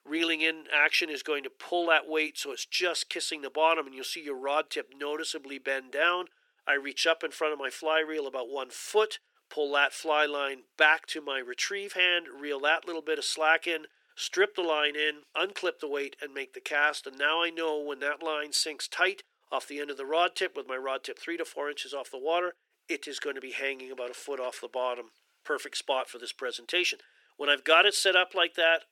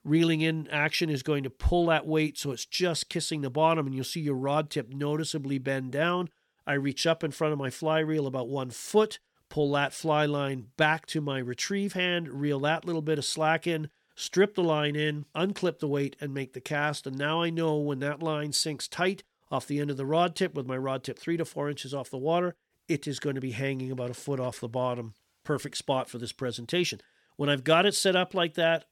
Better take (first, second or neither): second